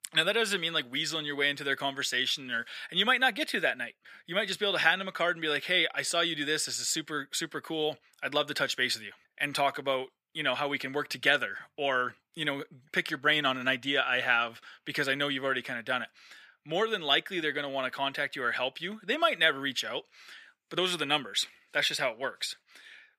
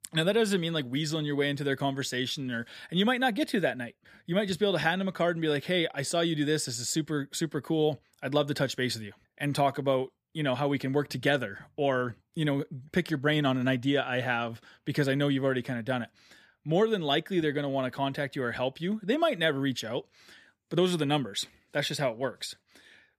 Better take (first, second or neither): second